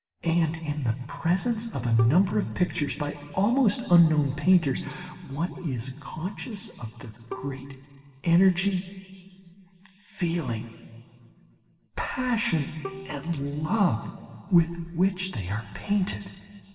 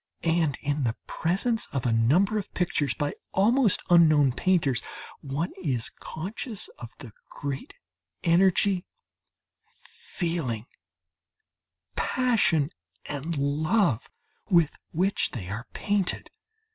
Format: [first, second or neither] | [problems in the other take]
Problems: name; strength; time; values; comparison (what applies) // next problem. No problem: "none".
second | background sound (Bowed string instrument); 17 dB below the speech // room echo; dies away in 2.5 s